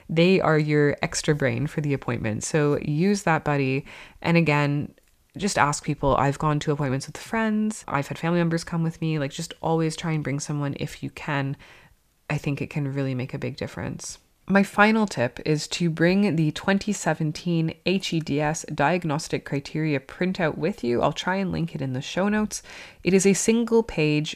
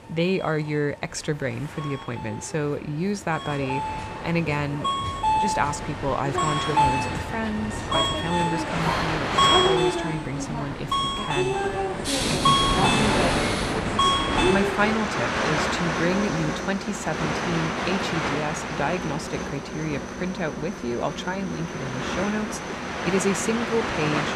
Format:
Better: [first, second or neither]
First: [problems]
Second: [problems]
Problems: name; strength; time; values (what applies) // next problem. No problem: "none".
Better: first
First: none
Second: train or aircraft noise; very loud; throughout; 4 dB above the speech